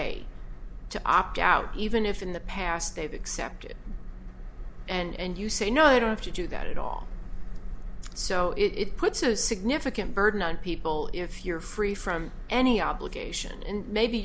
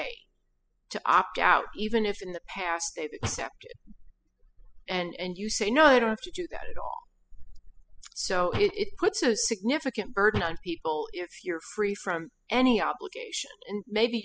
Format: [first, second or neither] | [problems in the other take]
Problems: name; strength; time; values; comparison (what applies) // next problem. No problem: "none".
first | noise reduction (classical method spectral subtraction)